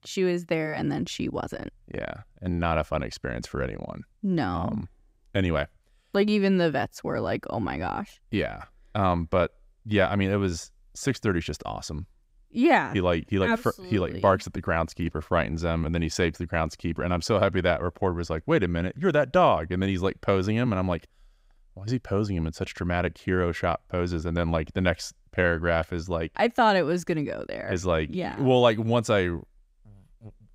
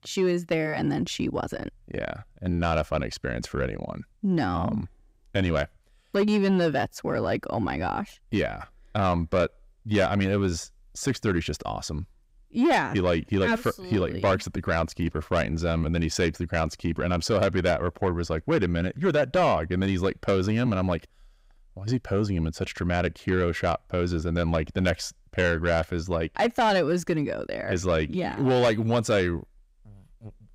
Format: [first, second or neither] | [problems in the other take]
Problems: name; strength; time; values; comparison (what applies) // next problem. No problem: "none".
first | distortion; slight; 10 dB below the speech